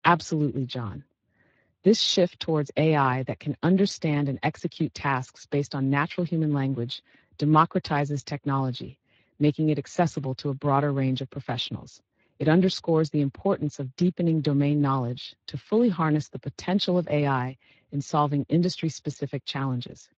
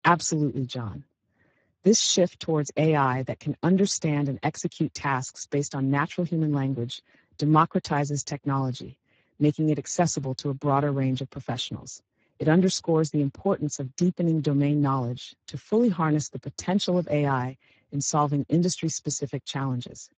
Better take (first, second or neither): first